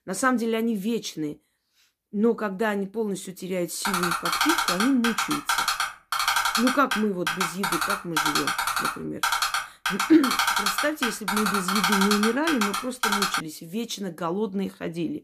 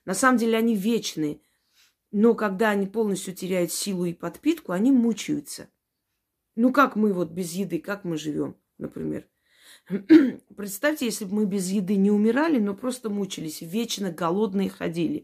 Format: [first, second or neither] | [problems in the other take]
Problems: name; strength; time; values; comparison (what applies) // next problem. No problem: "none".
second | keyboard typing; loud; from 4 to 13 s; peak 5 dB above the speech